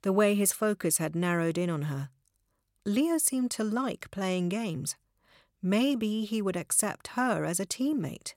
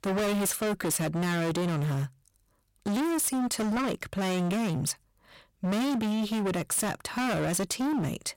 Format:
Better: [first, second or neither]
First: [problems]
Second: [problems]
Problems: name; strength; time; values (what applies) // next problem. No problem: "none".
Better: first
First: none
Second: distortion; heavy; 37% of the sound clipped